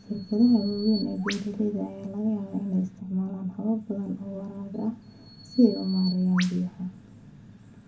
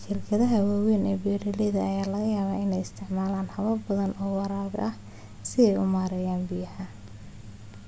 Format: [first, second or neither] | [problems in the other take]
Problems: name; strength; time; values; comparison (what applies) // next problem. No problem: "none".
second | background sound (Bird vocalization, bird call, bird song); 17 dB below the speech // room echo; dies away in 0.3 s